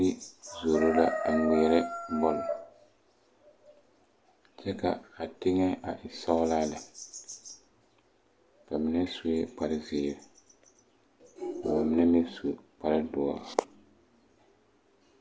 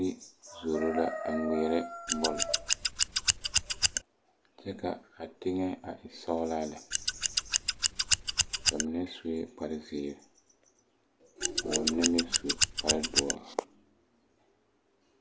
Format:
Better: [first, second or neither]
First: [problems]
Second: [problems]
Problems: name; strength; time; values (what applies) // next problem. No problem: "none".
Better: first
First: none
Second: background sound (Scissors); 5 dB above the speech